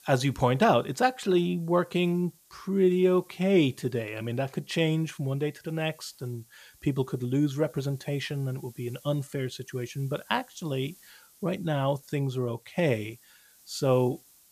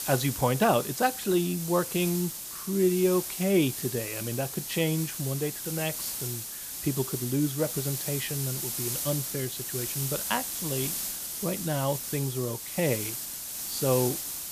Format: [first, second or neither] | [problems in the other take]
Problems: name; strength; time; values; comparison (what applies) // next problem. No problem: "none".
first | hiss; loud; throughout; 3 dB below the speech; faint in the first